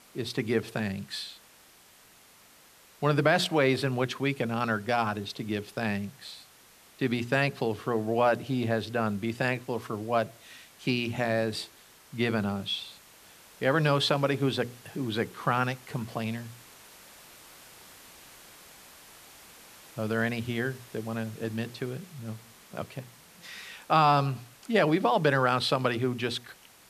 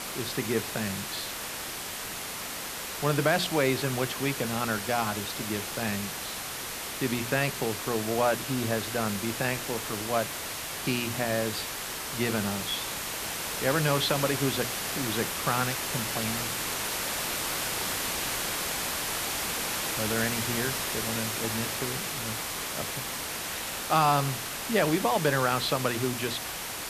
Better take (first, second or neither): first